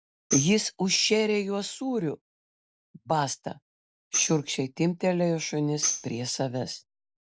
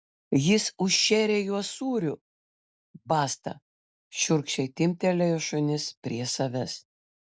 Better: second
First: background sound (Tambourine); 7 dB below the speech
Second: none

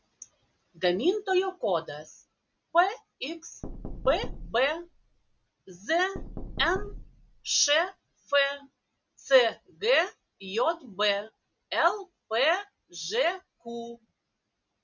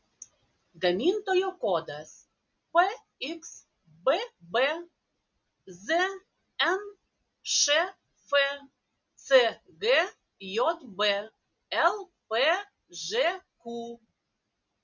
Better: second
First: background sound (Knock); 10 dB below the speech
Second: none

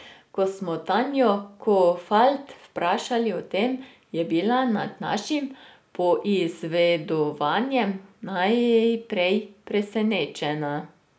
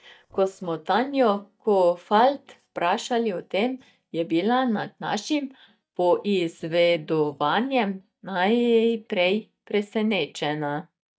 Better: first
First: none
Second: noise reduction (neural mask model DeepFilterNet 3)

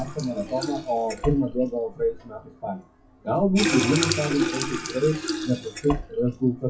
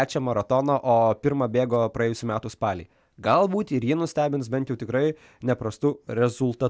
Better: second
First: noise reduction (classical method WPE with log-MMSE)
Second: none

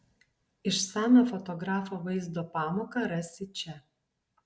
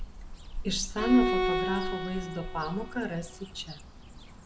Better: first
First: none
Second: background sound (Cricket / Bird + Bowed string instrument); 2 dB below the speech

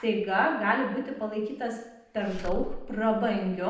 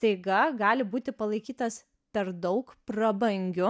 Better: second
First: background sound (Slam / Alarm); 11 dB below the speech // room echo; dies away in 0.8 s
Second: none

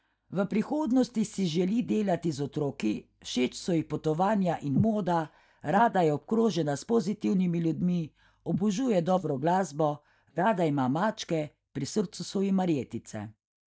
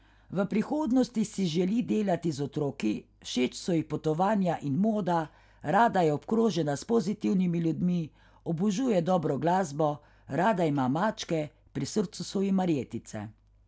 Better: second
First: noise reduction (neural mask model DeepFilterNet 3)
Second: none

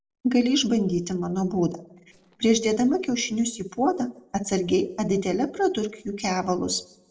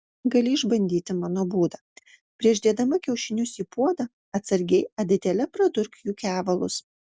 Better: second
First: noise reduction (neural separator model SepFormer DNS4)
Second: none

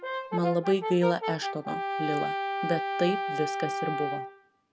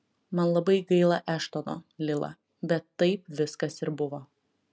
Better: second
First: background sound (Brass instrument); 2 dB below the speech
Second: none

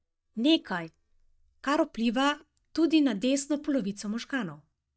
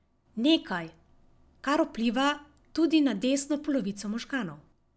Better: second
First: noise reduction (neural mask model DeepFilterNet 3)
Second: none

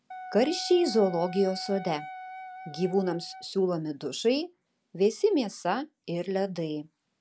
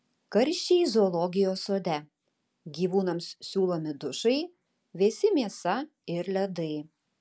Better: second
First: background sound (Wind instrument, woodwind instrument); 13 dB below the speech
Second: none

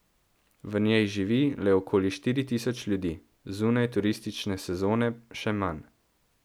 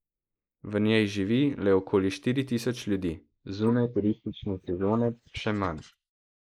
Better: first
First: none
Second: noise reduction (neural mask model Resemble Enhance denoiser)

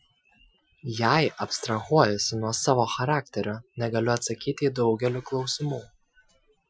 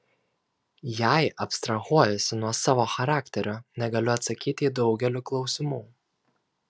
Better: second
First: noise reduction (classical method Wiener filter)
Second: none

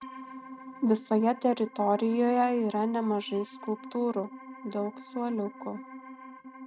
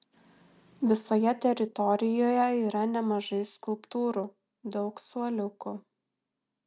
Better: second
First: noise reduction (neural mask model RNNoise)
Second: none

